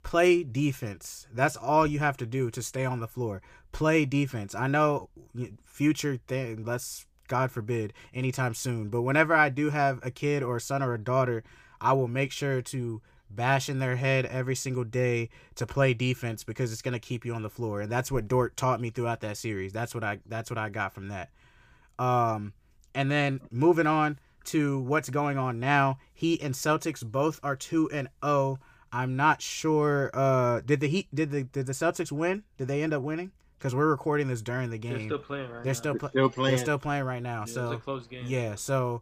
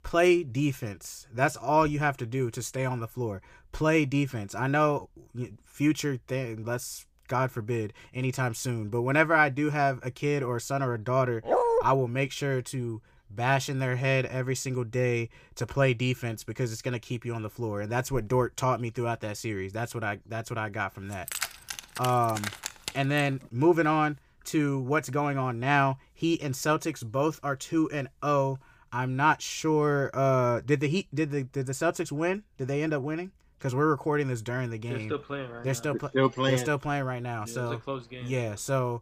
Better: first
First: none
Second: dog barking; loud; at 11 s; peak 4 dB above the speech // jangling keys; noticeable; from 21 to 23 s; peak 4 dB below the speech

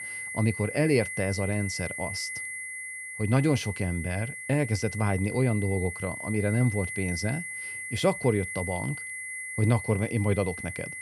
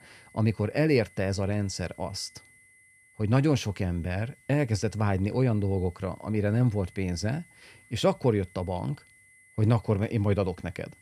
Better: second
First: high-pitched whine; loud; throughout; 2 kHz, 7 dB below the speech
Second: high-pitched whine; faint; throughout; 2 kHz, 30 dB below the speech

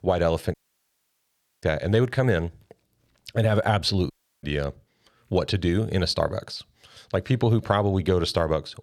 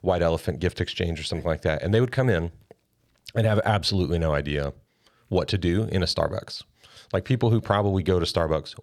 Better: second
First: audio cutting out; at 0.5 s for 1 s and at 4 s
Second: none

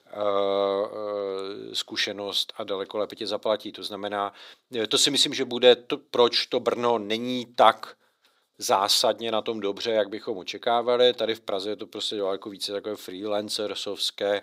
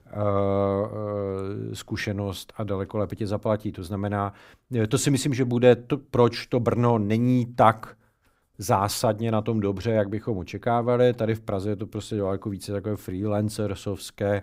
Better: second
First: thin; somewhat; fading below 450 Hz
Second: none

